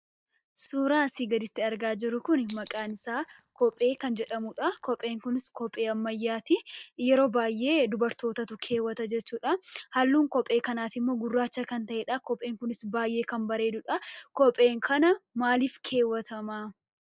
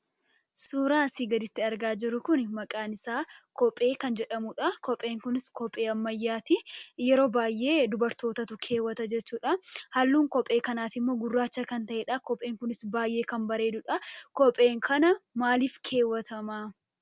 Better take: second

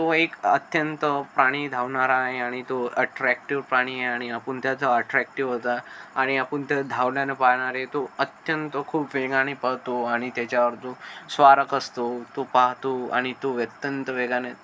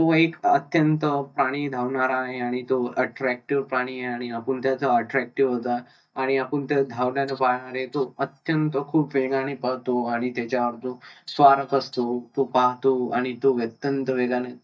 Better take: first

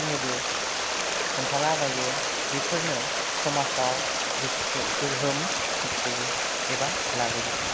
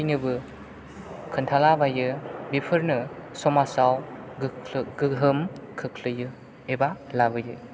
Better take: second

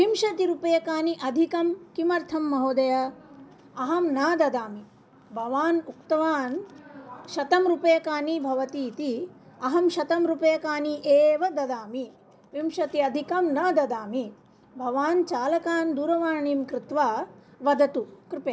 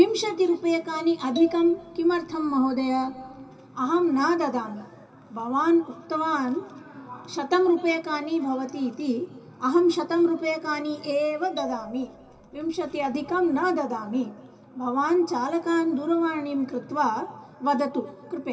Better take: first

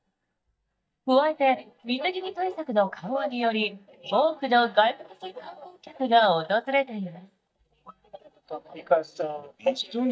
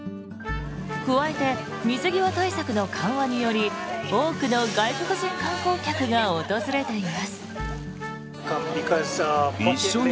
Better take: second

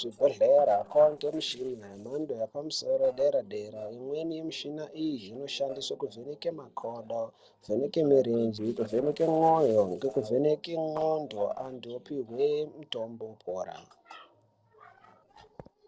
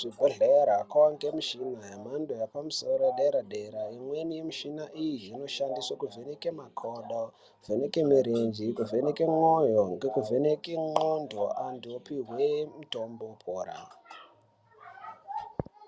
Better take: second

